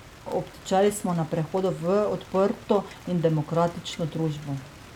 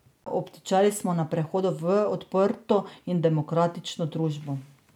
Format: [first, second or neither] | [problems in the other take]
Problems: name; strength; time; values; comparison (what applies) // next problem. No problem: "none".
second | background sound (Rain); 19 dB below the speech